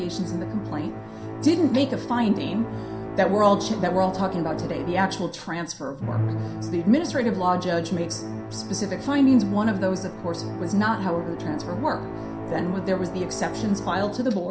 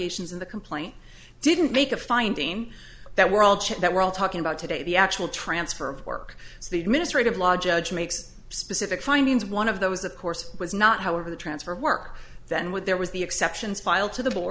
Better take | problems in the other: second | background sound (Musical instrument); 7 dB below the speech // room echo; dies away in 0.3 s

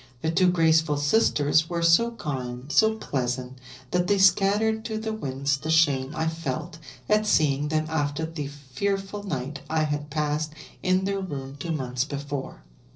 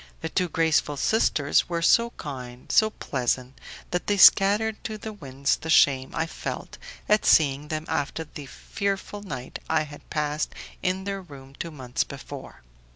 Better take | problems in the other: second | noise reduction (neural separator model SepFormer DNS4)

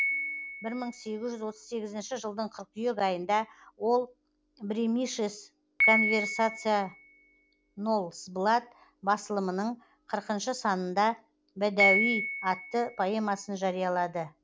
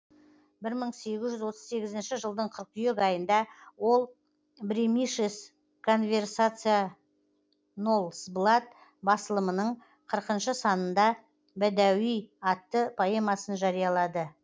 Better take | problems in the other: second | background sound (Piano); 4 dB below the speech

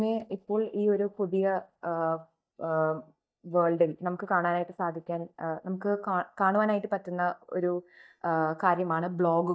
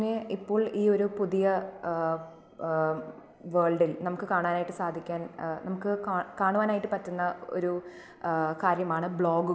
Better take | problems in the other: second | noise reduction (neural mask model DeepFilterNet 3)

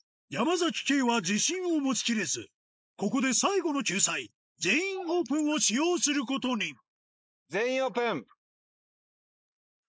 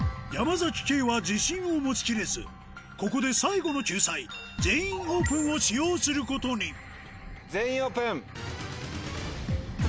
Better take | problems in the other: second | noise reduction (neural mask model Resemble Enhance denoiser)

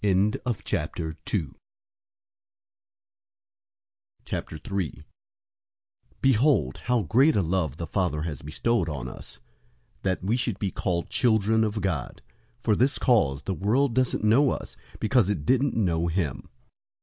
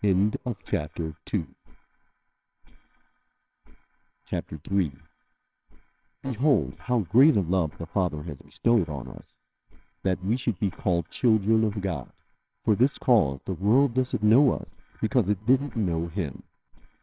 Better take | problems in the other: first | noise reduction (neural separator model SepFormer WHAMR!)

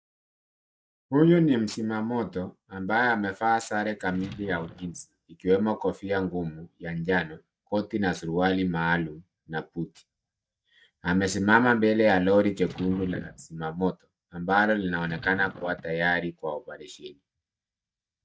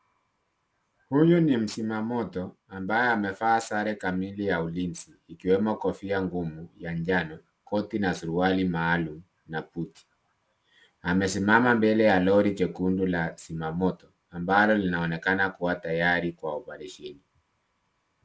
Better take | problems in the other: second | noise reduction (neural mask model DeepFilterNet 3)

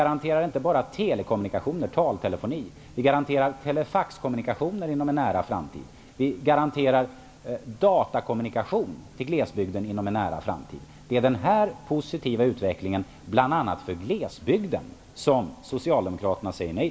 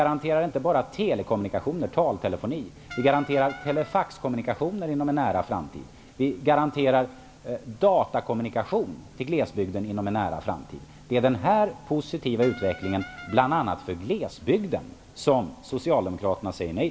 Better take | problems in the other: first | background sound (Brass instrument); 16 dB below the speech

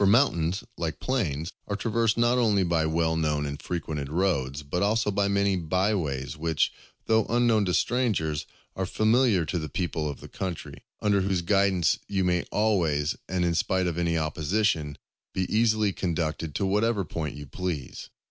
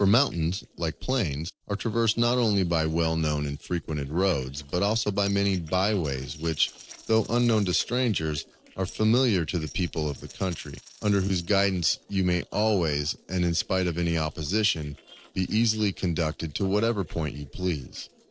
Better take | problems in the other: first | noise reduction (neural separator model SepFormer DNS4)

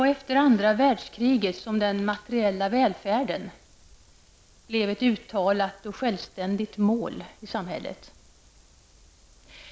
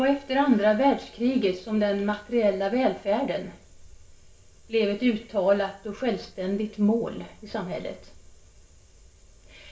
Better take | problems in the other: first | room echo; dies away in 0.3 s

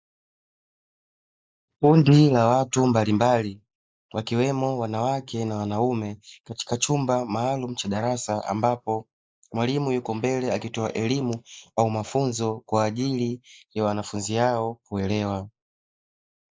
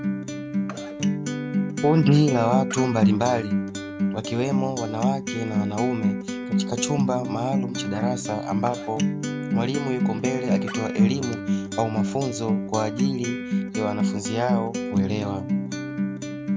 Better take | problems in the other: first | background sound (Acoustic guitar); 1 dB above the speech

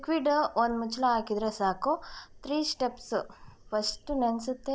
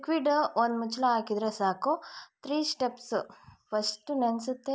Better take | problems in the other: second | background sound (Fire); 20 dB below the speech

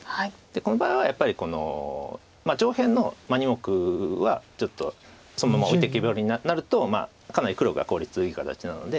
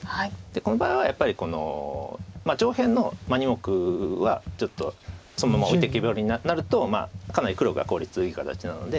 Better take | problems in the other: first | background sound (Computer keyboard); 14 dB below the speech

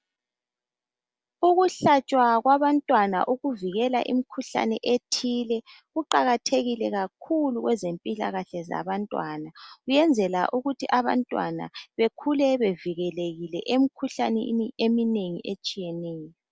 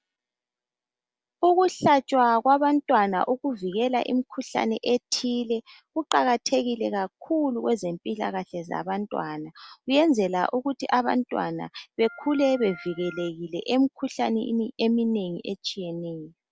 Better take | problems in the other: first | background sound (Organ); 19 dB below the speech

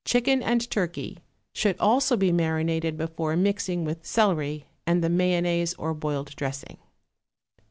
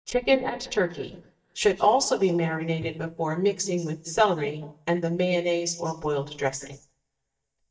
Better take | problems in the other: first | noise reduction (neural mask model DeepFilterNet 3)

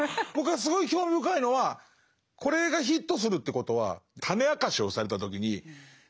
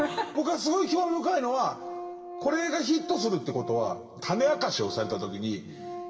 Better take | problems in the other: first | background sound (Organ); 12 dB below the speech // room echo; dies away in 1.6 s

